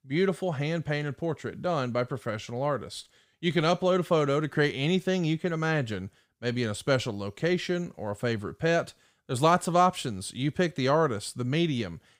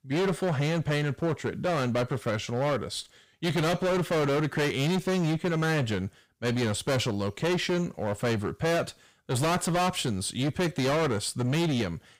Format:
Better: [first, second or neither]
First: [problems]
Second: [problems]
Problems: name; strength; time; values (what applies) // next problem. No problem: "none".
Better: first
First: none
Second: distortion; heavy; 23% of the sound clipped